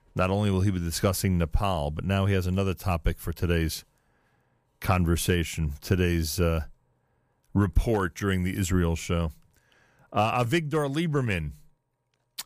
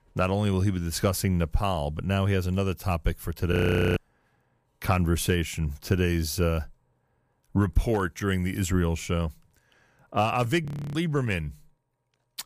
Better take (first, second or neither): first